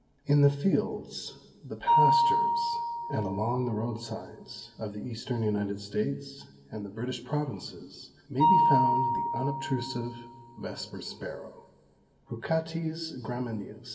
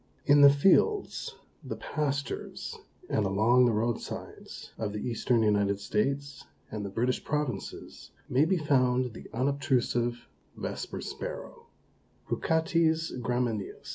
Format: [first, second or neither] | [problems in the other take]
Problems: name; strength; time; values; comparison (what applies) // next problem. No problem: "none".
second | background sound (Mallet percussion); as loud as the speech // room echo; dies away in 1.5 s